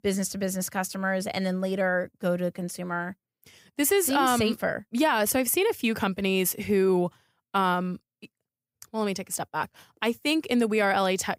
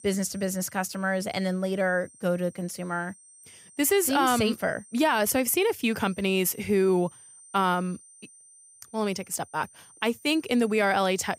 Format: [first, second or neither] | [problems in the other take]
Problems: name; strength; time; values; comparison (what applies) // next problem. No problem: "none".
first | high-pitched whine; faint; throughout; 8.5 kHz, 25 dB below the speech